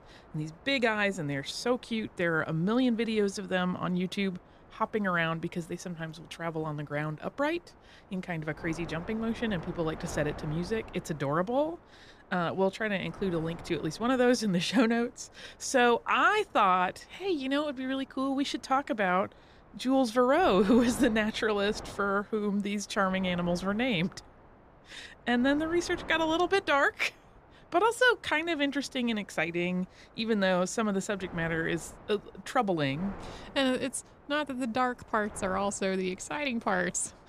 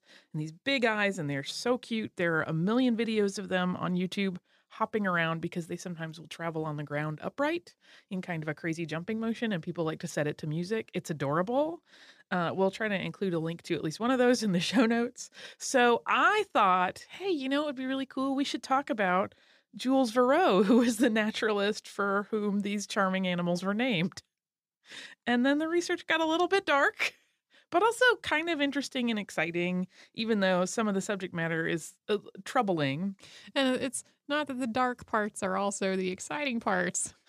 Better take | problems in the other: second | wind noise on the microphone; occasional gusts; 20 dB below the speech

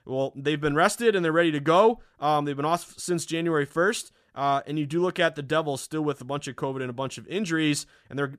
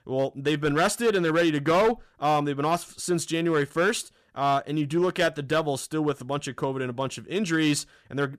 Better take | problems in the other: first | distortion; slight; 5% of the sound clipped

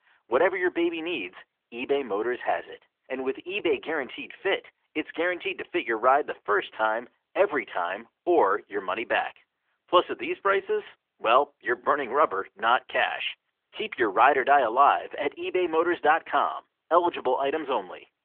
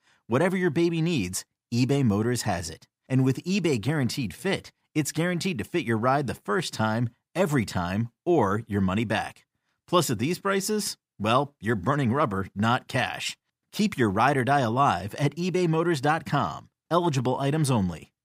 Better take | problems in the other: second | phone-call audio

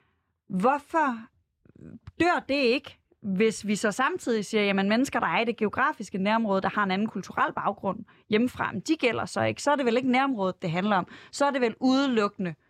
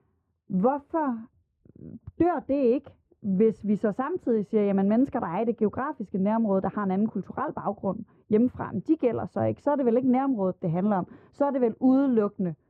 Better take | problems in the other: first | muffled; very; fading above 1.5 kHz

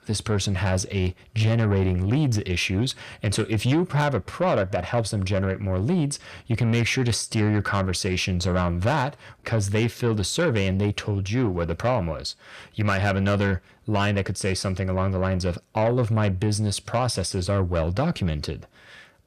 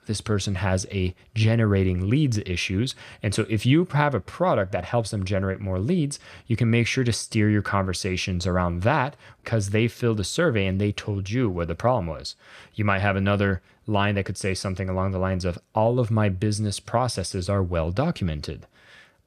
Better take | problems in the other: second | distortion; slight; 10 dB below the speech

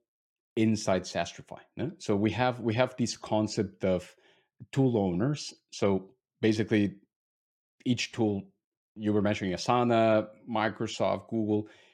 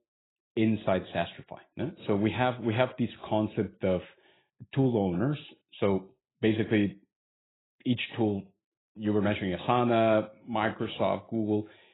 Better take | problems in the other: first | garbled, watery; badly; nothing above 4 kHz

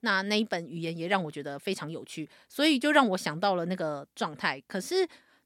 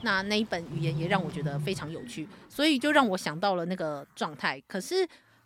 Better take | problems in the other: first | animal sounds; loud; throughout; 7 dB below the speech

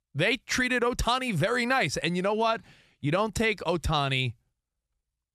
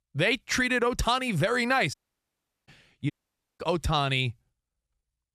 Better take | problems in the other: first | audio cutting out; at 2 s for 0.5 s and at 3 s

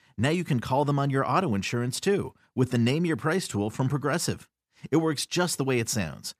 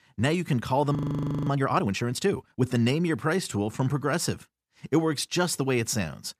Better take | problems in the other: first | audio freezing; at 1 s for 0.5 s

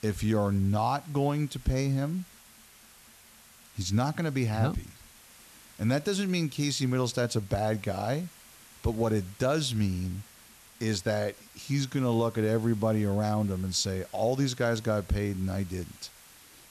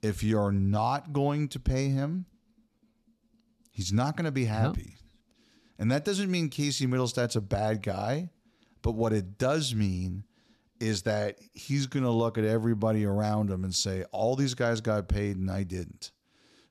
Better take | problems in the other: second | hiss; faint; throughout; 20 dB below the speech

